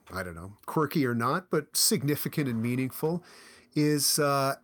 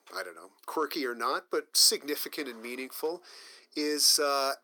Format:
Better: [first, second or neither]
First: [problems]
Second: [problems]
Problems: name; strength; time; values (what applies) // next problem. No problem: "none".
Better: first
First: none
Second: thin; somewhat; fading below 350 Hz